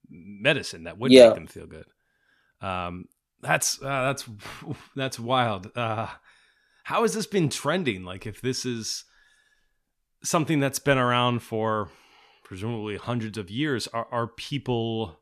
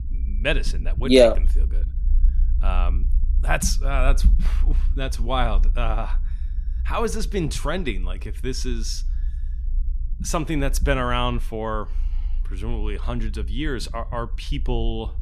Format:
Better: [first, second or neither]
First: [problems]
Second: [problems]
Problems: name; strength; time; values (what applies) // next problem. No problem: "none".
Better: first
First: none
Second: low rumble; faint; throughout; 25 dB below the speech